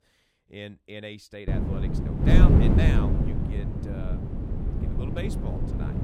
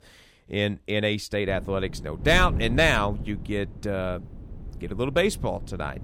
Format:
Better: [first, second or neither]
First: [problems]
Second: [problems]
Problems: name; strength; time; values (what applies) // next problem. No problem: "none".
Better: second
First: wind noise on the microphone; heavy; from 1.5 s on; 4 dB above the speech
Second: wind noise on the microphone; occasional gusts; from 1.5 s on; 20 dB below the speech